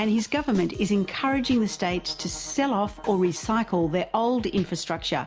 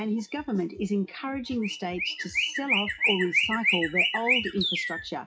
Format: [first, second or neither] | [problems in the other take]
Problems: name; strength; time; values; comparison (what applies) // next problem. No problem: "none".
first | noise reduction (classical method WPE with log-MMSE)